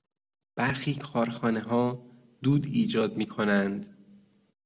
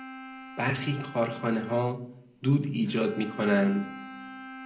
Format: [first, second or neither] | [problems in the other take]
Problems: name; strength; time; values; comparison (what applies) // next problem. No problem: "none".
first | background sound (Bowed string instrument); 15 dB below the speech // room echo; dies away in 0.5 s